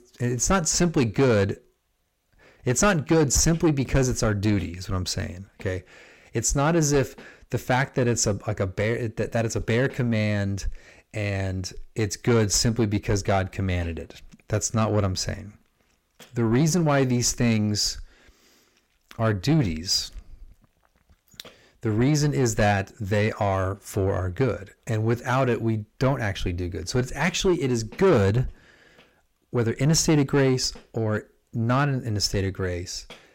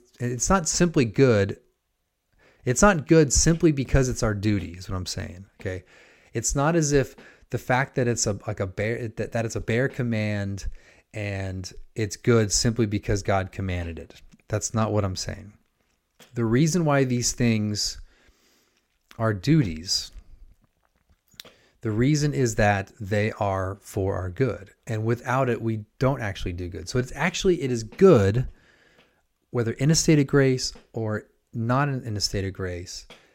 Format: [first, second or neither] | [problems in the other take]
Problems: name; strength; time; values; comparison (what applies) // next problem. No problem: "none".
second | distortion; slight; 10 dB below the speech